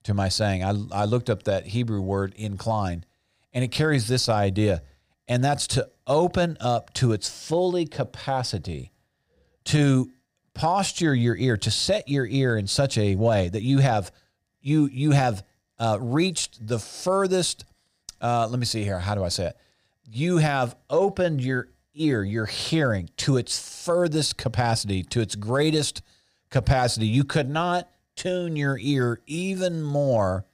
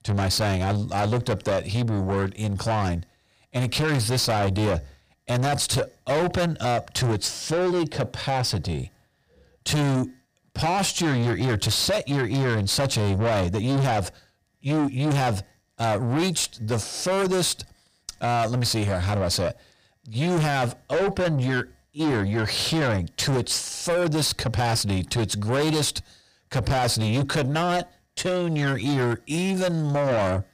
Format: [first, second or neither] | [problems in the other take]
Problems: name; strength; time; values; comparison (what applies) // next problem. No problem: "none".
first | distortion; heavy; 7 dB below the speech